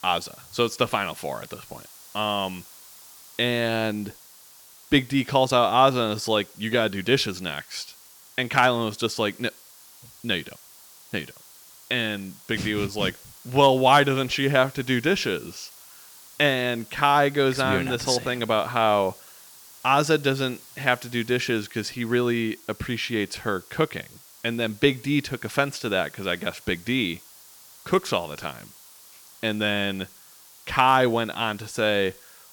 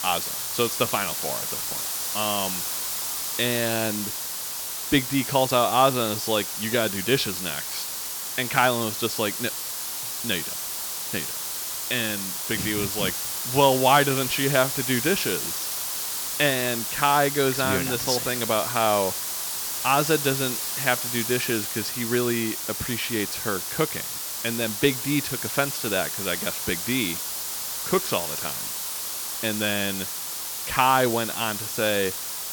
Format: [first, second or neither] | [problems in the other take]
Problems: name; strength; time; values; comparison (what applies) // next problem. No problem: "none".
first | hiss; loud; throughout; 2 dB below the speech; faint in the first